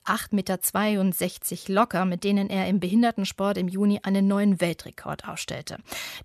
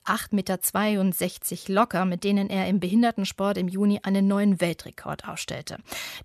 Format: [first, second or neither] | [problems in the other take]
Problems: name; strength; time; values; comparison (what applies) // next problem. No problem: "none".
neither | none